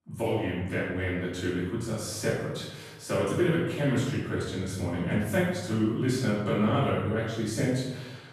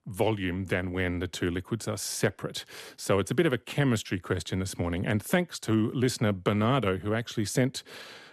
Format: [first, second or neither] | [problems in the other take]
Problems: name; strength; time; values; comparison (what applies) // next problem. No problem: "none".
second | room echo; strong; dies away in 0.9 s // off-mic speech; far